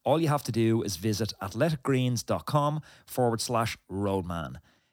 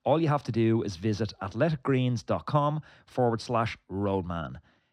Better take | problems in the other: first | muffled; slightly; fading above 3.5 kHz

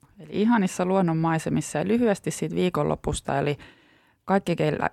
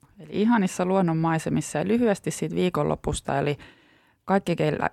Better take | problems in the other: neither | none

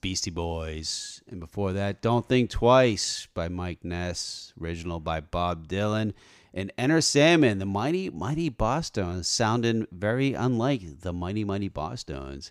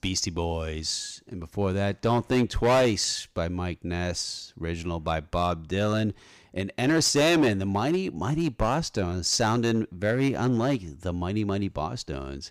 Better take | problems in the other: first | distortion; slight; 4% of the sound clipped

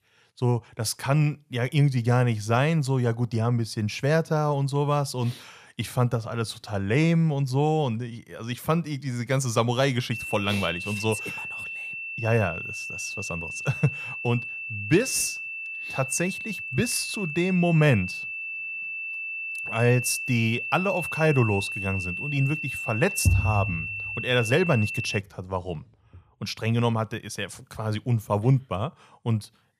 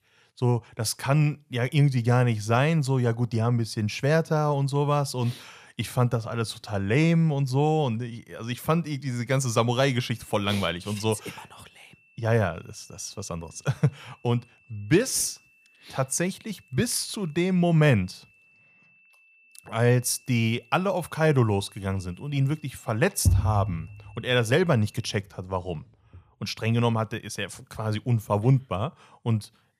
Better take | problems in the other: second | high-pitched whine; loud; from 10 to 25 s; 2.5 kHz, 5 dB below the speech; faint in the second

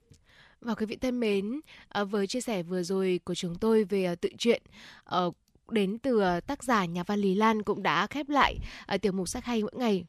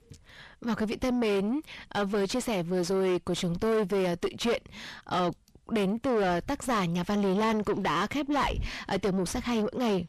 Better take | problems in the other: first | distortion; heavy; 5 dB below the speech

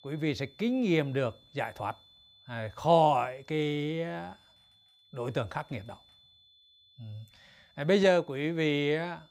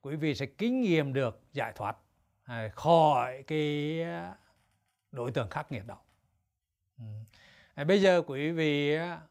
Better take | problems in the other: second | high-pitched whine; faint; throughout; 3.5 kHz, 30 dB below the speech

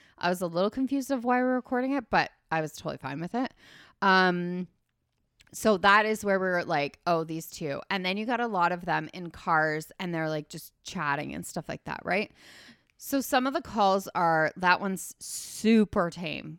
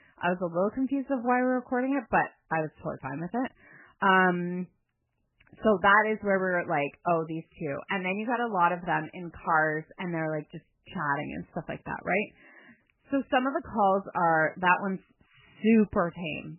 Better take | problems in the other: first | garbled, watery; badly; nothing above 3 kHz

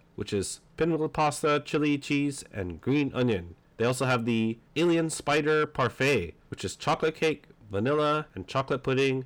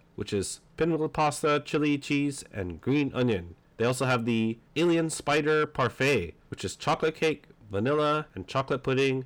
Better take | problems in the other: neither | distortion; slight; 10 dB below the speech; the same in both

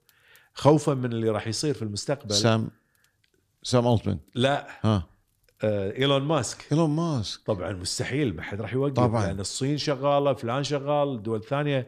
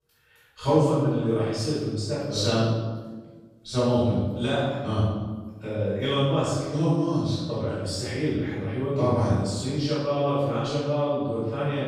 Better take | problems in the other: first | room echo; strong; dies away in 1.3 s // off-mic speech; far

